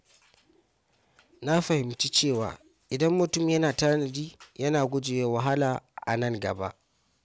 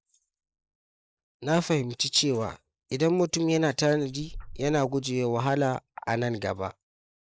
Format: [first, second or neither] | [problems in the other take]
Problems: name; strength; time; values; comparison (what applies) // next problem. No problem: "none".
first | noise reduction (neural mask model Resemble Enhance denoiser)